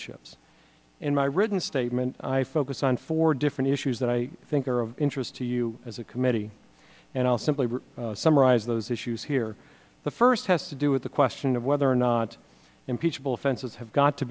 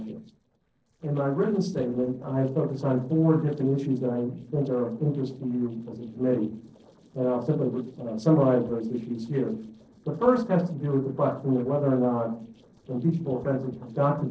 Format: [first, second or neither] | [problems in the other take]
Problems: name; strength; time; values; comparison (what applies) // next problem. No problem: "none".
first | noise reduction (neural separator model SepFormer DNS4)